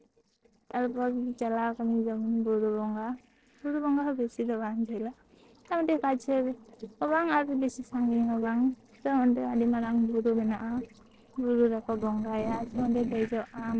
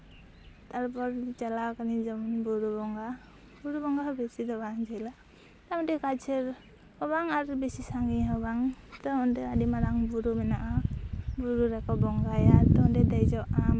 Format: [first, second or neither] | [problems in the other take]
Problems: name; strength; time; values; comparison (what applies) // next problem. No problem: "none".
second | noise reduction (neural separator model SepFormer DNS4)